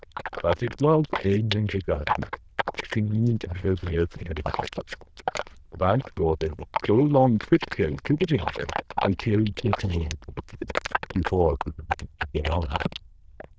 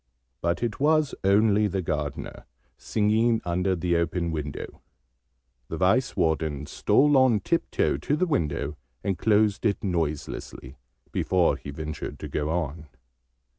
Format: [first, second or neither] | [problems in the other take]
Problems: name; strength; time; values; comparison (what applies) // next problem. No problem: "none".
second | noise reduction (neural diffusion model UNIVERSE++)